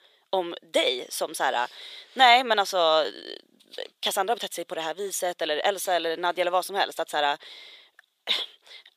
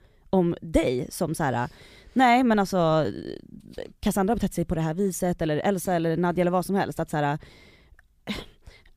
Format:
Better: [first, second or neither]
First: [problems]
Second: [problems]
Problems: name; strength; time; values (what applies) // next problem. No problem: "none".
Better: second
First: thin; very; fading below 500 Hz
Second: none